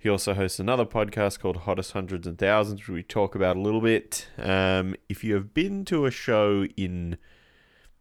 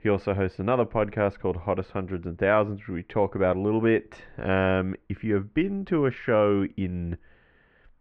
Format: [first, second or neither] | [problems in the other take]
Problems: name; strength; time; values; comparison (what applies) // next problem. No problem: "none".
first | muffled; very; fading above 2 kHz